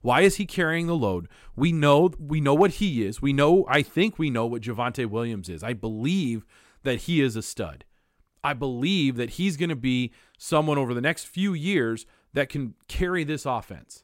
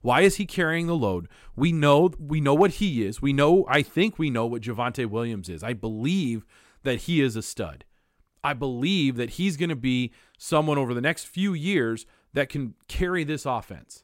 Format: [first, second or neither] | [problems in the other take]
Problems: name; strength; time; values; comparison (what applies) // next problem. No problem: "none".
neither | none